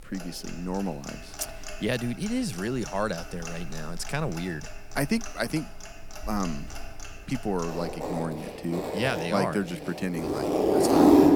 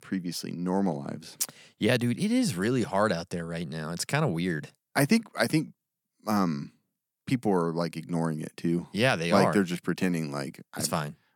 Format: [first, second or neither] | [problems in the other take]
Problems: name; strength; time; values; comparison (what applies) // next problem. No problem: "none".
second | household noises; very loud; throughout; 3 dB above the speech